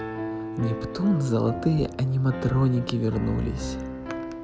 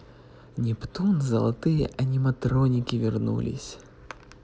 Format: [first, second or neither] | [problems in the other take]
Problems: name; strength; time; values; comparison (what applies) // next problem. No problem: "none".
second | background sound (Piano); 8 dB below the speech